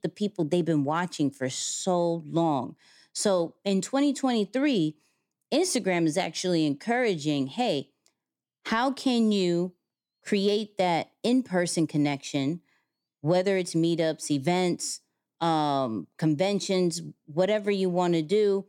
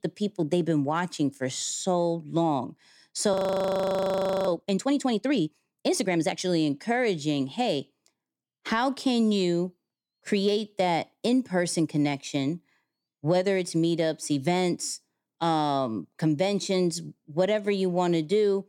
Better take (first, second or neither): first